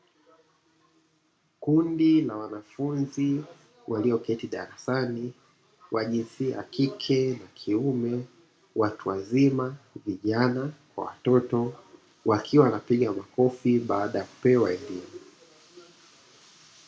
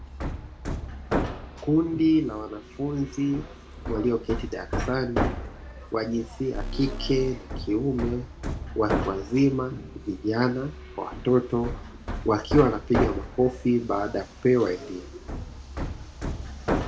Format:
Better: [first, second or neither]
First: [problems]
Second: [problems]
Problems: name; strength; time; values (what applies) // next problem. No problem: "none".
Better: first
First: none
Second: background sound (Hammer + Alarm); 6 dB below the speech